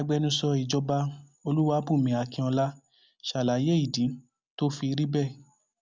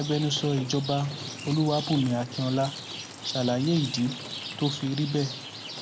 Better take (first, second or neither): first